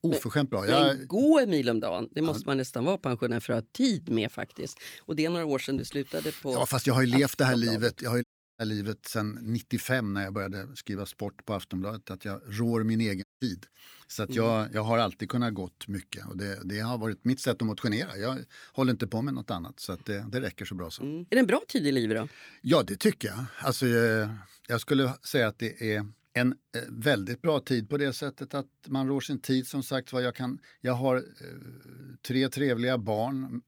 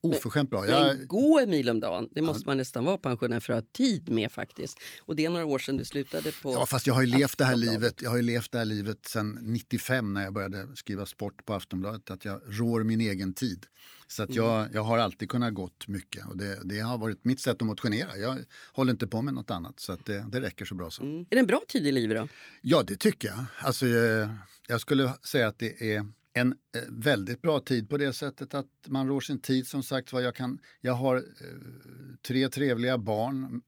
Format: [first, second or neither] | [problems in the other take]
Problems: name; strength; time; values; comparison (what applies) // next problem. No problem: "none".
second | audio cutting out; at 8 s and at 13 s